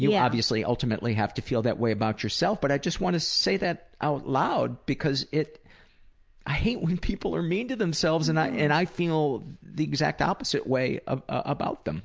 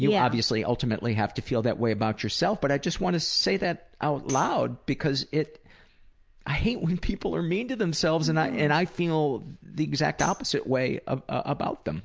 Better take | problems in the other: first | background sound (Tambourine); 18 dB below the speech

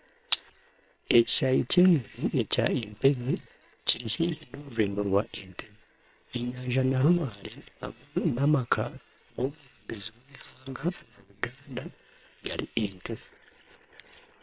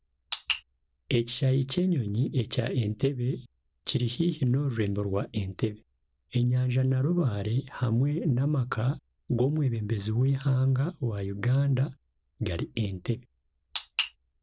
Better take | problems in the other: second | noise reduction (neural separator model SepFormer WHAM!)

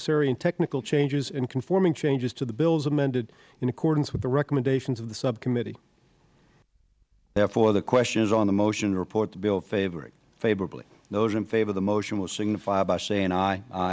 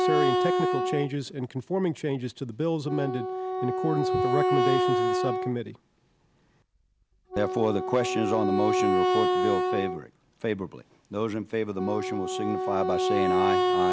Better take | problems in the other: first | background sound (Wind instrument, woodwind instrument); 2 dB above the speech

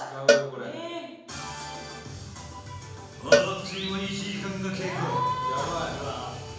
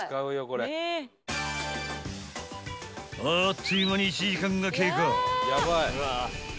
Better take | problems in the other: second | background sound (Cowbell); 2 dB above the speech // room echo; dies away in 1 s

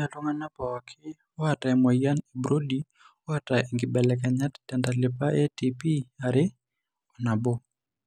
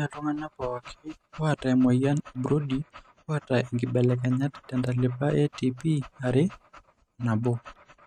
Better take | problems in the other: first | noise reduction (neural mask model RNNoise)

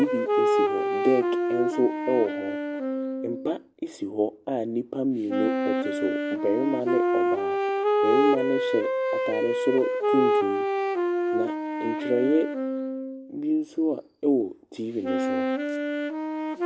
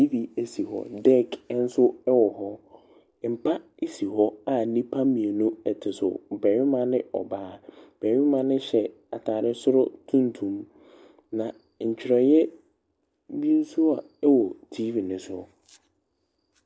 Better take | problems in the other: second | background sound (Wind instrument, woodwind instrument); 2 dB above the speech

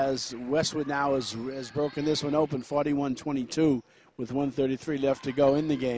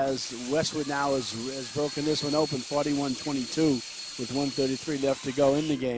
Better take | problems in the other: first | background sound (Sink (filling or washing) / Water tap, faucet); 12 dB below the speech

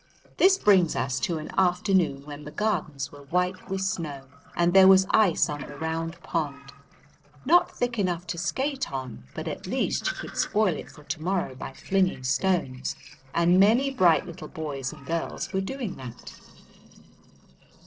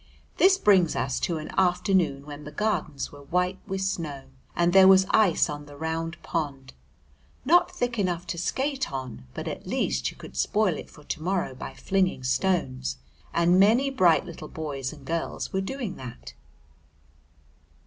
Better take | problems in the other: second | noise reduction (neural separator model SepFormer DNS4)

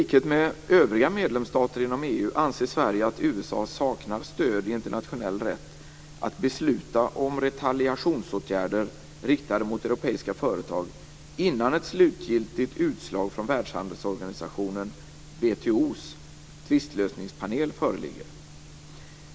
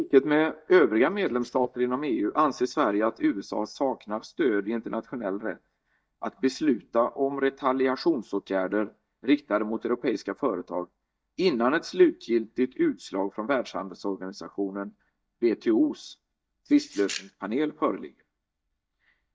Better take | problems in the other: first | noise reduction (neural mask model DeepFilterNet 3)

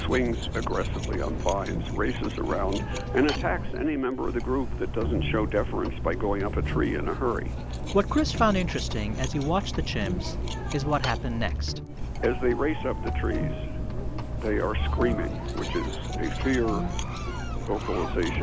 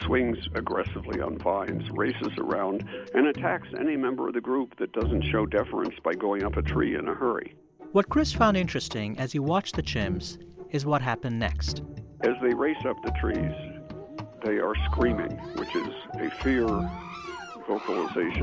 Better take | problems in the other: second | background sound (Cutlery, silverware); 3 dB below the speech

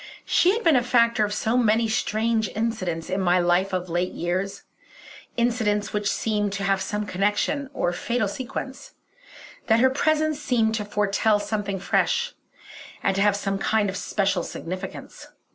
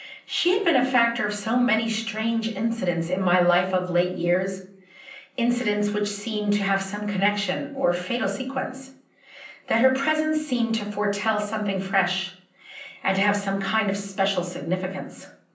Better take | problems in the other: first | room echo; dies away in 0.6 s

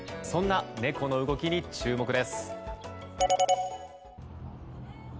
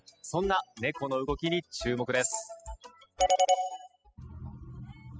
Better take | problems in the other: first | noise reduction (classical method spectral subtraction)

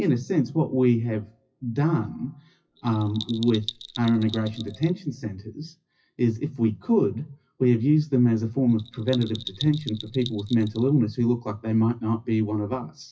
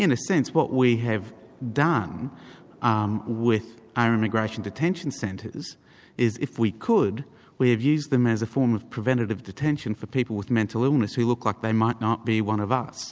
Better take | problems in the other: second | noise reduction (classical method WPE with log-MMSE)

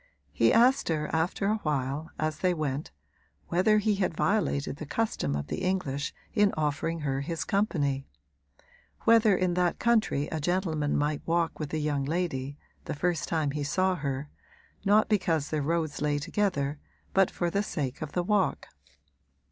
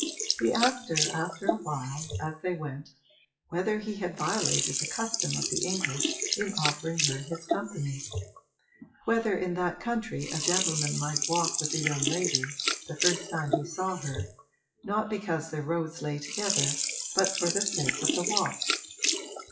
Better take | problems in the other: first | noise reduction (classical method WPE with log-MMSE)

